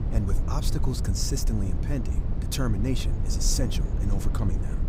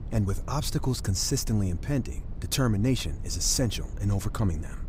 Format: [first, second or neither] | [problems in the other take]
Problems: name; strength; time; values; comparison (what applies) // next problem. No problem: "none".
second | low rumble; loud; throughout; 8 dB below the speech; faint in the second